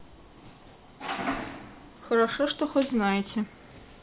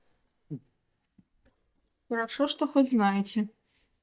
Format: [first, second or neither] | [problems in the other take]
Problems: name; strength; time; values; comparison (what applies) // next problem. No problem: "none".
first | noise reduction (neural mask model DeepFilterNet 3)